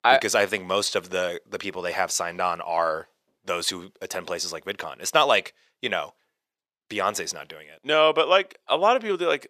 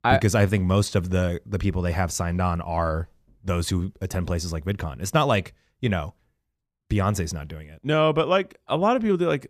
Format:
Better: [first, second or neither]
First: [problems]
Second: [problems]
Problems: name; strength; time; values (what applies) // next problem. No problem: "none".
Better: second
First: thin; very; fading below 550 Hz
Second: none